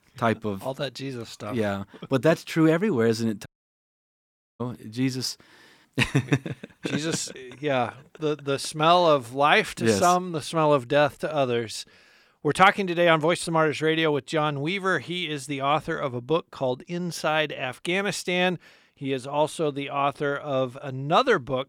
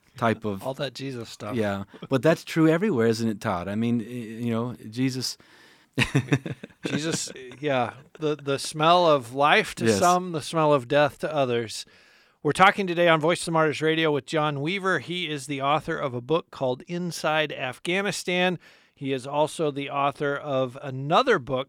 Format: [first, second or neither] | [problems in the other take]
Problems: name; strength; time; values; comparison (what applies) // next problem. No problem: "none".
second | audio cutting out; at 3.5 s for 1 s